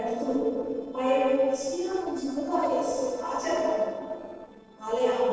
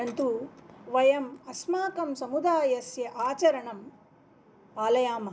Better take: second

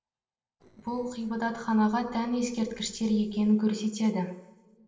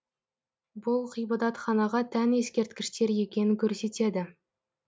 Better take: second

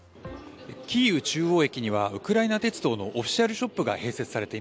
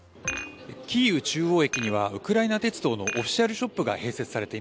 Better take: first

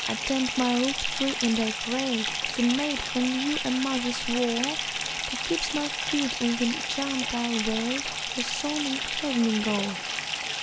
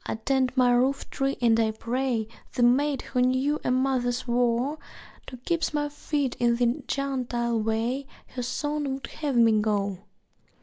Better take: second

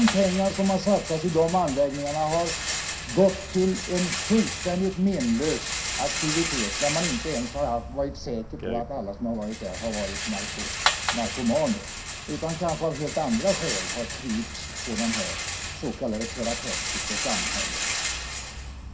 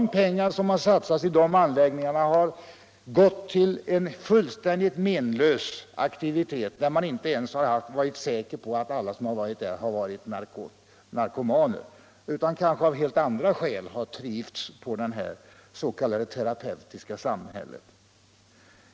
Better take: second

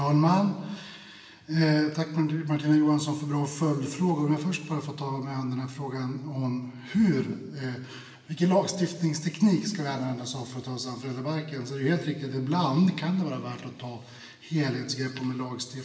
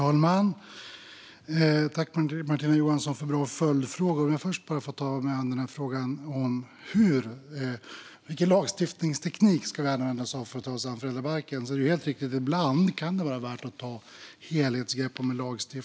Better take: second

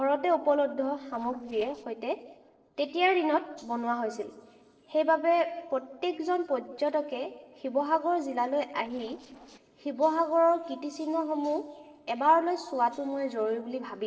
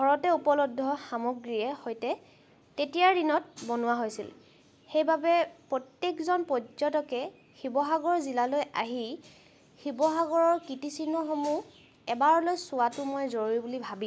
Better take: second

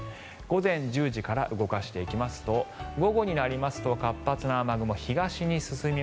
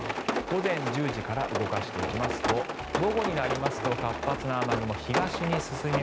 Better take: first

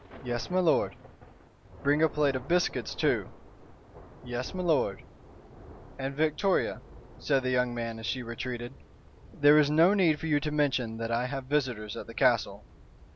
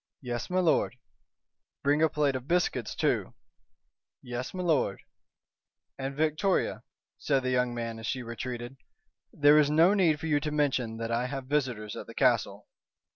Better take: second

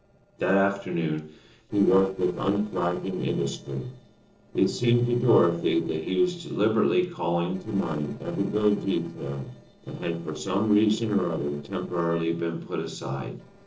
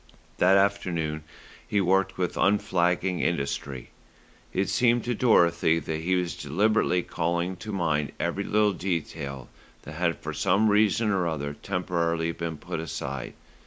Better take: second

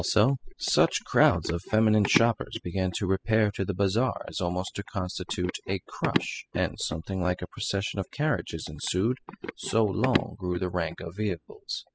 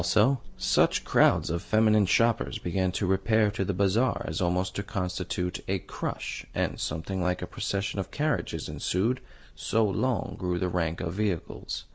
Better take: second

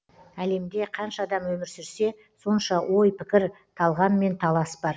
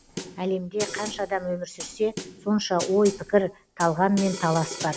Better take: first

